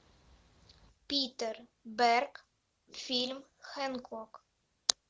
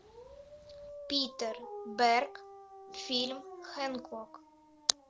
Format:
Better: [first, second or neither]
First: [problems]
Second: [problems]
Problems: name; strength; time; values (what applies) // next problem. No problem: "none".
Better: first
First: none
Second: background sound (Dog); 13 dB below the speech